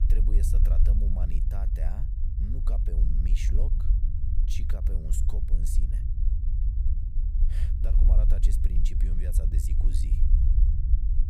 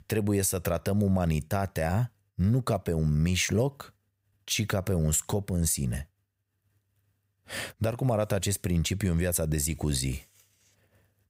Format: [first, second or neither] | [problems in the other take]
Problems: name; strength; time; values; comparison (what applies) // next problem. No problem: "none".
second | low rumble; loud; throughout; 1 dB below the speech